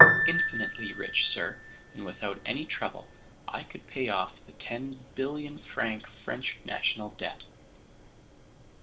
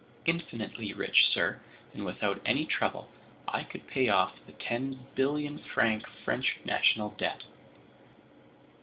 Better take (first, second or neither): second